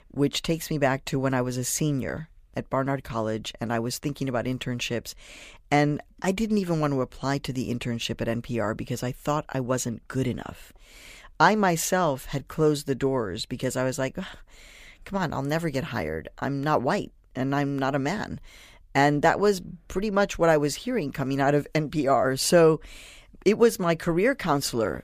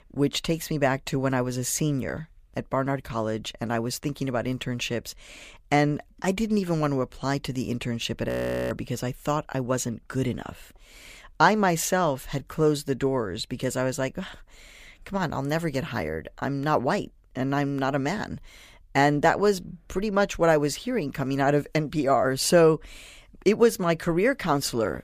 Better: first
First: none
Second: audio freezing; at 8.5 s

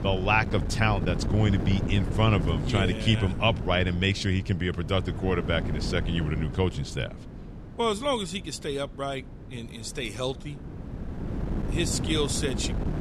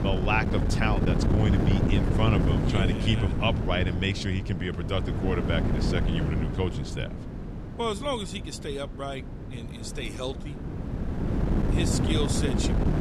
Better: first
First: wind noise on the microphone; occasional gusts; 10 dB below the speech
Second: wind noise on the microphone; heavy; 3 dB below the speech

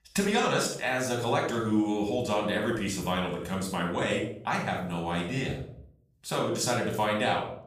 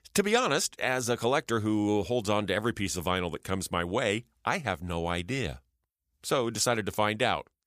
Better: second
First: off-mic speech; far // room echo; noticeable; dies away in 0.5 s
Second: none

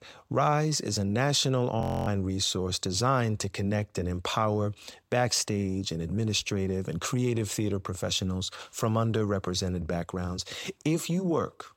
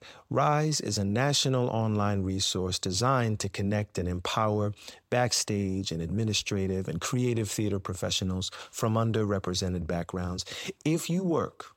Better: second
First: audio freezing; at 2 s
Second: none

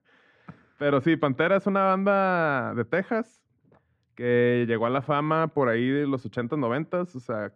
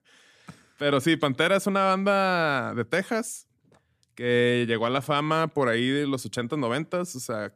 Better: second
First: muffled; very; fading above 2 kHz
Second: none

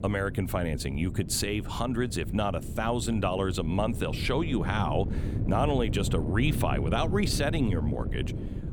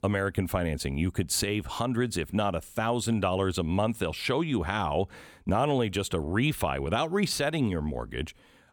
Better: second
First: wind noise on the microphone; occasional gusts; 10 dB below the speech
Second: none

